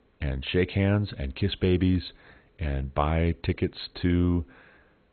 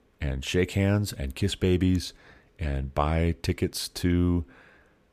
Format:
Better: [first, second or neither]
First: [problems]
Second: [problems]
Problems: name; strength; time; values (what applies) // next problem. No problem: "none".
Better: second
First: garbled, watery; badly; nothing above 4 kHz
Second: none